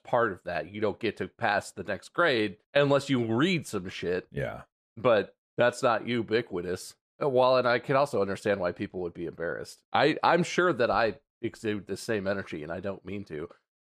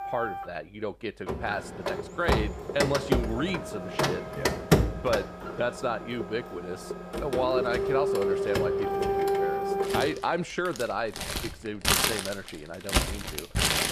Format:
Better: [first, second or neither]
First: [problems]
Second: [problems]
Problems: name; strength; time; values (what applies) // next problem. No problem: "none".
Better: first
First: none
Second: household noises; very loud; throughout; 4 dB above the speech